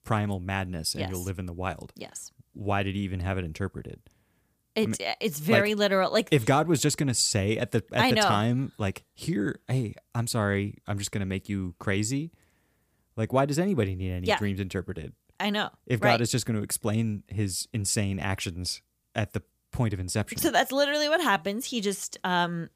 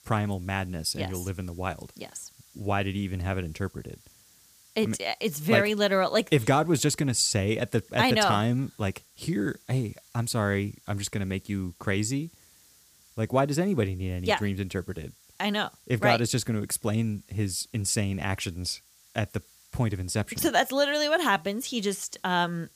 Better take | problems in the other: first | hiss; faint; throughout; 30 dB below the speech

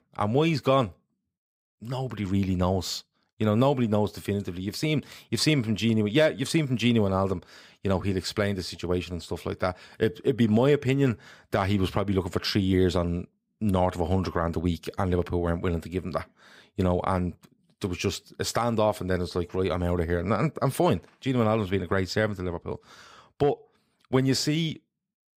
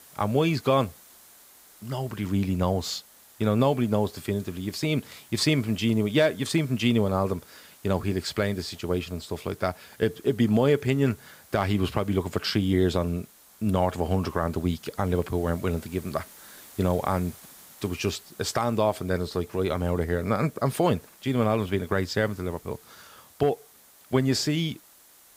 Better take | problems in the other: first | hiss; faint; throughout; 25 dB below the speech

